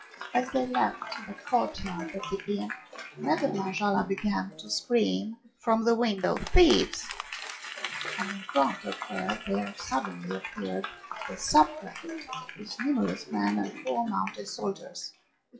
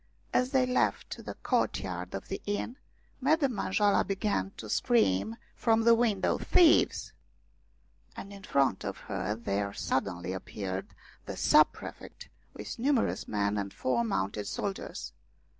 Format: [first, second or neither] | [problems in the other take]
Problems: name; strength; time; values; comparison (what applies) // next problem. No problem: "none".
second | noise reduction (classical method WPE with log-MMSE)